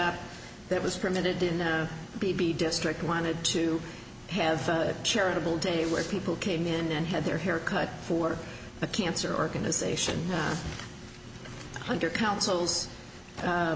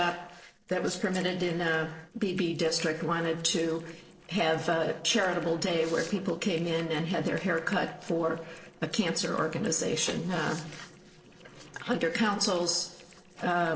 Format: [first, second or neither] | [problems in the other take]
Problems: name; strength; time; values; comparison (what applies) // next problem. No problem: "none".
first | noise reduction (neural separator model SepFormer DNS4)